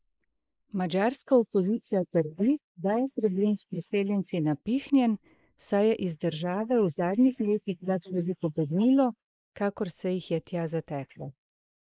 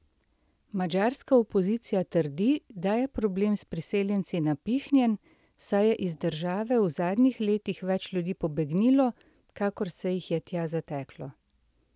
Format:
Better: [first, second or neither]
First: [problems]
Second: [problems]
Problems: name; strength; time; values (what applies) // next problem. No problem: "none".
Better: second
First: noise reduction (neural mask model Resemble Enhance denoiser)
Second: none